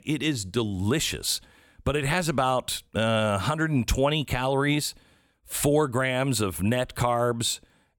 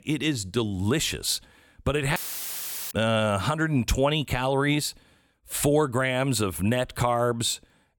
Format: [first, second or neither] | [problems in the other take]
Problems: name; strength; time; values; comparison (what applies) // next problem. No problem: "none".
first | audio cutting out; filled with static; at 2 s for 1 s